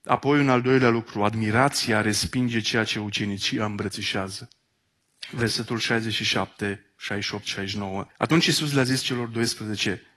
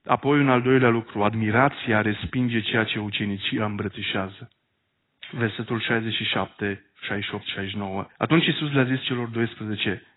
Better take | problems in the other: first | garbled, watery; badly; nothing above 4 kHz; slightly in the first

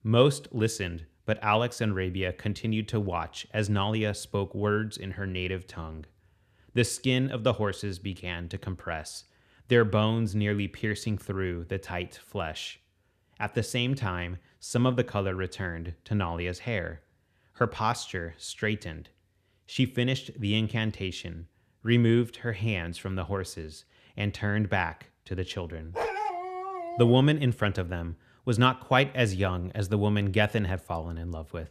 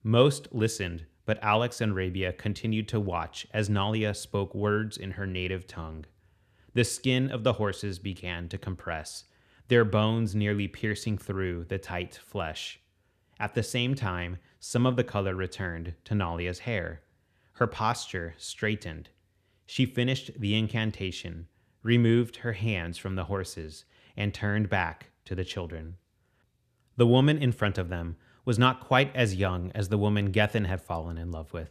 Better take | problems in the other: second | dog barking; noticeable; from 26 to 27 s; peak 2 dB below the speech

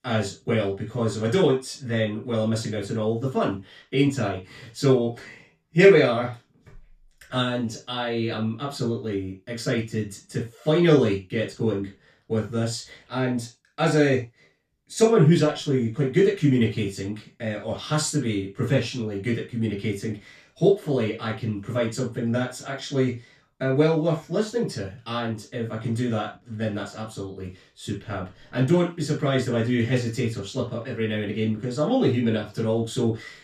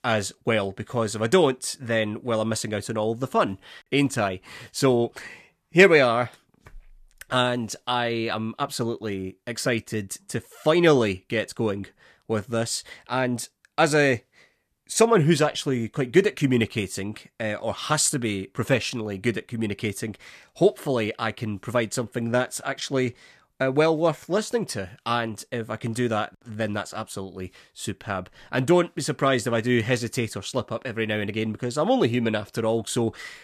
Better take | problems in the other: second | room echo; noticeable; dies away in 0.2 s // off-mic speech; far

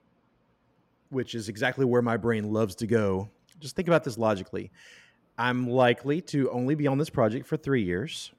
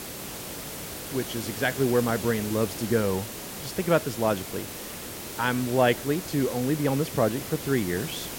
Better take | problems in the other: first | hiss; loud; throughout; 8 dB below the speech

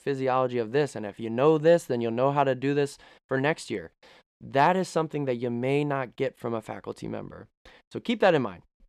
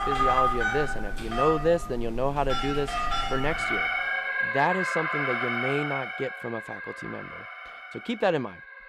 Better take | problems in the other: first | alarms or sirens; very loud; throughout; 1 dB above the speech

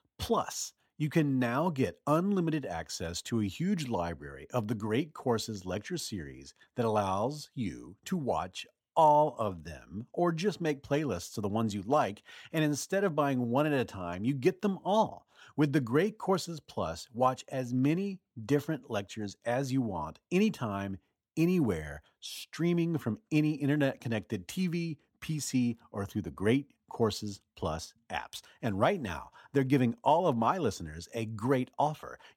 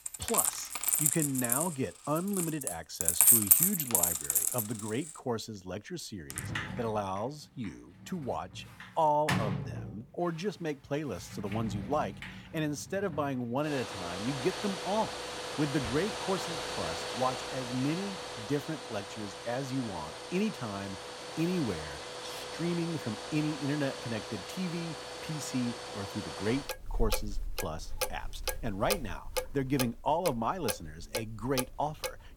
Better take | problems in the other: first | household noises; very loud; throughout; 3 dB above the speech

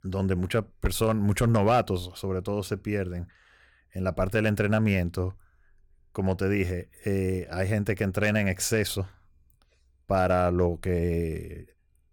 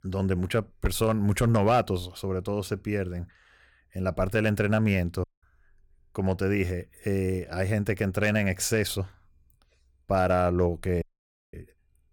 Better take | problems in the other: first | audio cutting out; at 5 s and at 11 s for 0.5 s

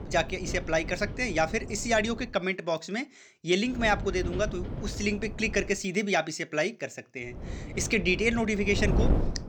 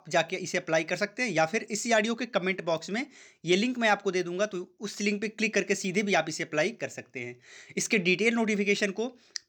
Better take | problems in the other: second | wind noise on the microphone; occasional gusts; until 2.5 s, from 4 to 5.5 s and from 7.5 s on; 15 dB below the speech

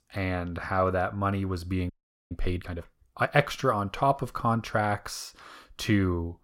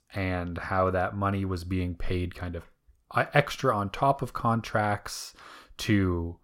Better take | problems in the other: second | audio freezing; at 2 s

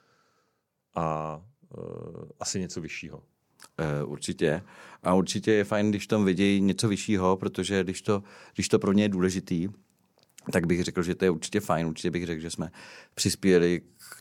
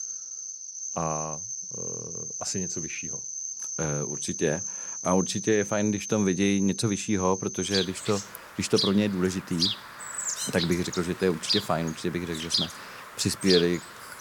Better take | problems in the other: first | animal sounds; loud; throughout; 3 dB below the speech

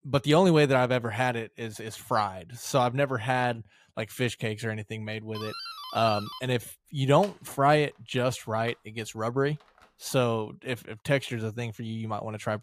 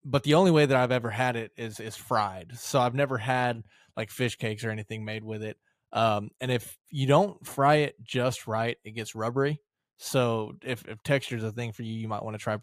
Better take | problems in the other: second | doorbell; noticeable; from 5.5 to 10 s; peak 10 dB below the speech

